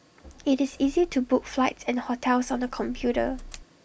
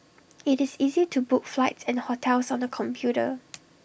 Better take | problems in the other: second | background sound (Motor vehicle (road)); 18 dB below the speech

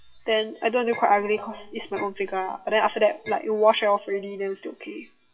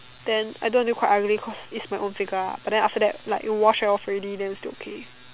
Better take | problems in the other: second | noise reduction (classical method WPE with log-MMSE)

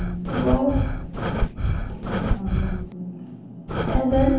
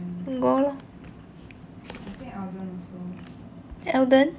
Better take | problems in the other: second | background sound (Breathing); 1 dB above the speech // room echo; dies away in 1 s

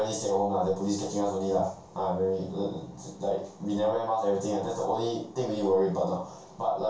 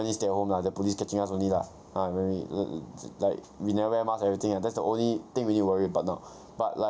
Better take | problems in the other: second | room echo; dies away in 0.3 s

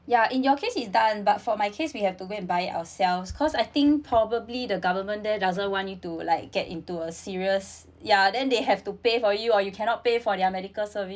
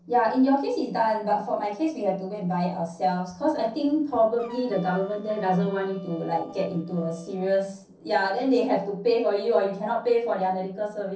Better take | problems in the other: first | noise reduction (neural separator model SepFormer DNS4)

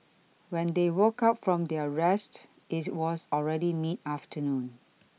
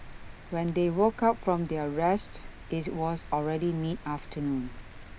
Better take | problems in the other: first | background sound (Rain); 14 dB below the speech

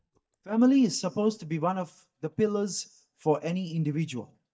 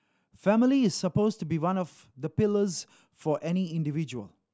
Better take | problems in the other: second | noise reduction (neural mask model DeepFilterNet 3)

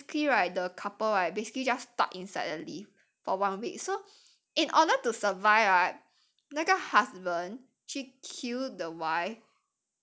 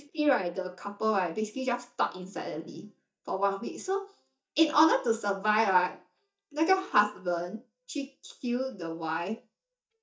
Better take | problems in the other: first | noise reduction (neural mask model DeepFilterNet 3)

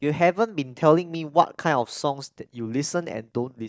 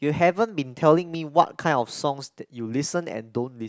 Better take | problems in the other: second | noise reduction (neural mask model DeepFilterNet 3)

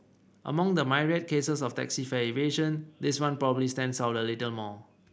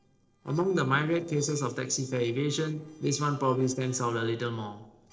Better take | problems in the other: first | noise reduction (neural separator model SepFormer DNS4)

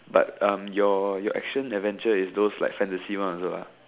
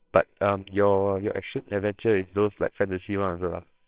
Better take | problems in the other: first | noise reduction (neural separator model SepFormer WHAMR!)

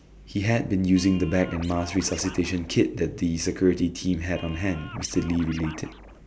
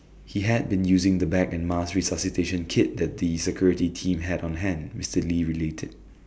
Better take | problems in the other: second | background sound (Scratching (performance technique)); 18 dB below the speech

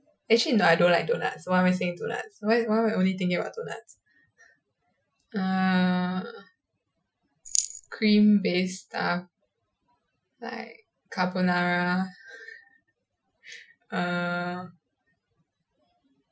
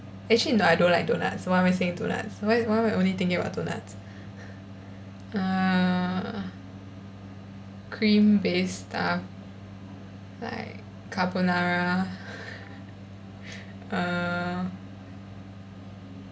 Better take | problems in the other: second | noise reduction (classical method Wiener filter)

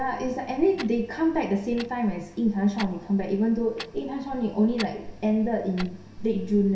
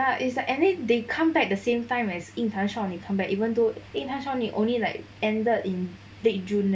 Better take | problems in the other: second | background sound (Clock); 15 dB below the speech // room echo; dies away in 0.7 s

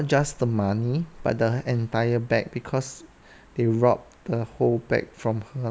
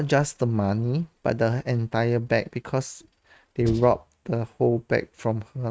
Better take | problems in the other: first | noise reduction (neural mask model RNNoise)

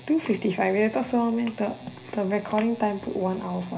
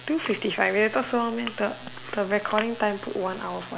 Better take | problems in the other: second | room echo; dies away in 0.4 s

